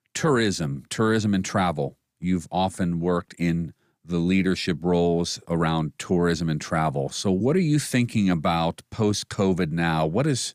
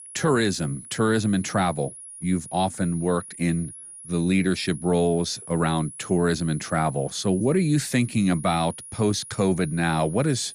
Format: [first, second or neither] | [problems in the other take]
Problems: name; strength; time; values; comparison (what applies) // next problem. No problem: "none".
first | high-pitched whine; noticeable; throughout; 10.5 kHz, 15 dB below the speech